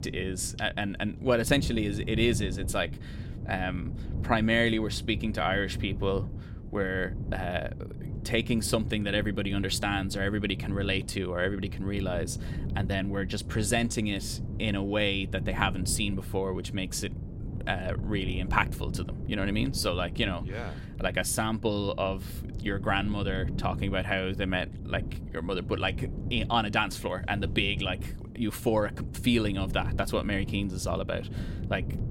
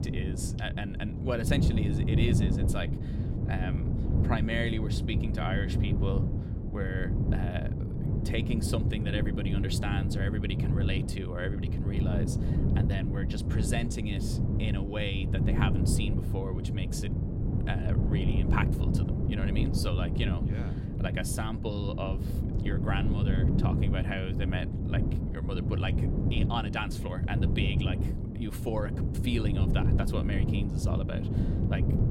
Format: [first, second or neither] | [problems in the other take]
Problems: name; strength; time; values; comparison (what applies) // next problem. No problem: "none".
first | wind noise on the microphone; heavy; 3 dB below the speech; occasional gusts in the first